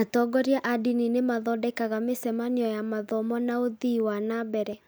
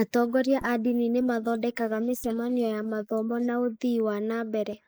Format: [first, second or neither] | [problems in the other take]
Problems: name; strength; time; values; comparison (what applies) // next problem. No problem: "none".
first | noise reduction (neural mask model Resemble Enhance denoiser)